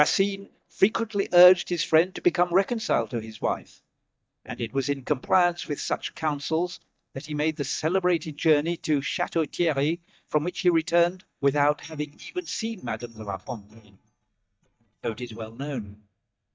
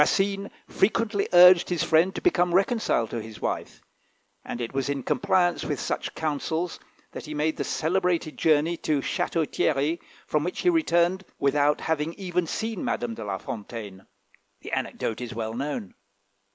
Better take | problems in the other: second | noise reduction (neural mask model DeepFilterNet 3)

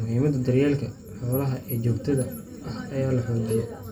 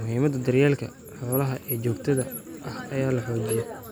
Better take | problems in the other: second | room echo; dies away in 0.2 s

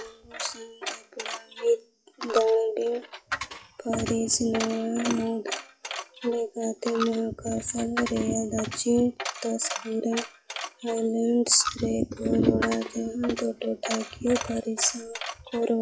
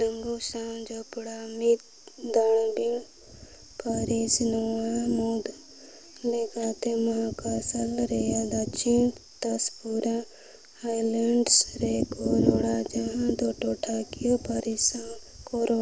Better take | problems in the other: second | noise reduction (classical method log-MMSE)

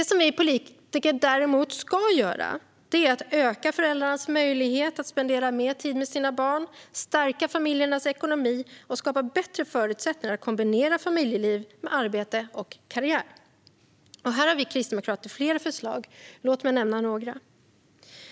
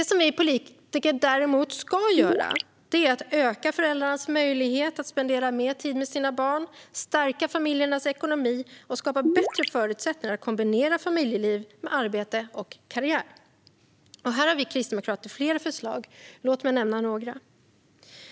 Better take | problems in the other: first | background sound (Gurgling); 1 dB above the speech

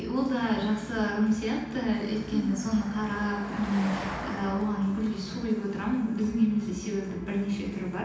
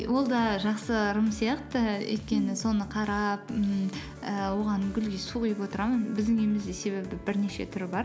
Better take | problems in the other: second | background sound (Car passing by); 14 dB below the speech // room echo; dies away in 0.9 s

